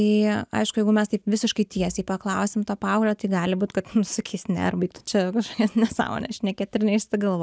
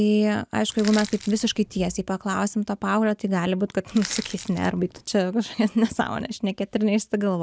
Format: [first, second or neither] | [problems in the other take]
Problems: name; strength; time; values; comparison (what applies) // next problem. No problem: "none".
first | background sound (Crushing); 14 dB below the speech